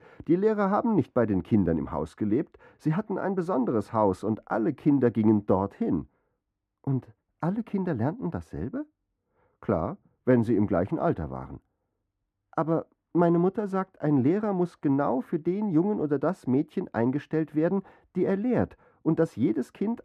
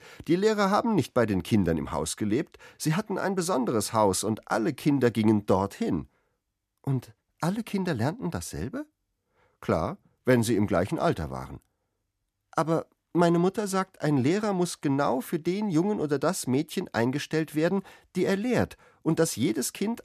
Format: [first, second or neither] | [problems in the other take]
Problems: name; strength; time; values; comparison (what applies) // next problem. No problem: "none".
second | muffled; very; fading above 2.5 kHz